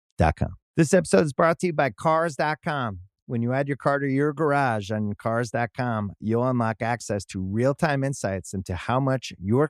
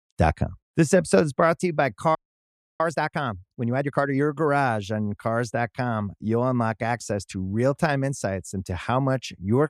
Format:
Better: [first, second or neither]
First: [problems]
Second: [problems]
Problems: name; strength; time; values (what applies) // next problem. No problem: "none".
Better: first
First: none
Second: audio freezing; at 2 s for 0.5 s